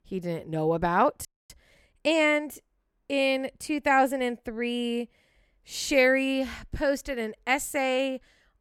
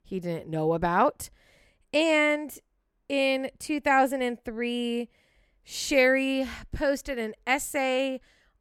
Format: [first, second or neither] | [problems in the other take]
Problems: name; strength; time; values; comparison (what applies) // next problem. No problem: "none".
second | audio freezing; at 1.5 s